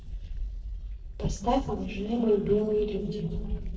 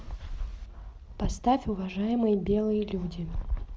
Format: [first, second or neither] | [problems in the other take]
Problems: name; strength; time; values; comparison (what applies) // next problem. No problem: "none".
second | noise reduction (neural separator model SepFormer DNS4)